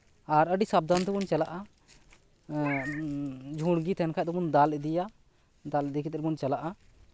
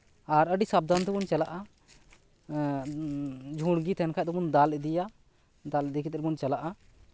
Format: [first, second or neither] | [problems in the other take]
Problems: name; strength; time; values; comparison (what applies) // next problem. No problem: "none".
second | background sound (Meow); 12 dB below the speech